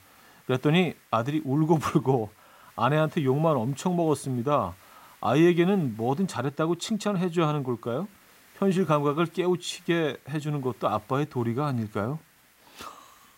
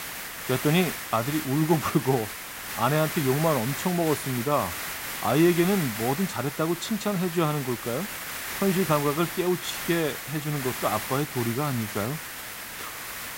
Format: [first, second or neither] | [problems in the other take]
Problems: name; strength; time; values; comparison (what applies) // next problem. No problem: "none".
first | hiss; loud; throughout; 6 dB below the speech; faint in the first